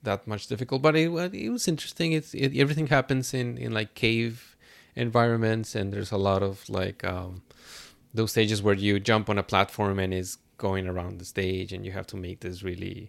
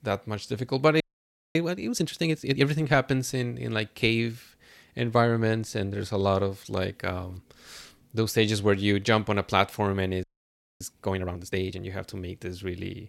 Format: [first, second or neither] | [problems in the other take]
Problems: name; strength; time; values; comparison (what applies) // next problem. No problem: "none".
first | audio freezing; at 1 s for 0.5 s and at 10 s for 0.5 s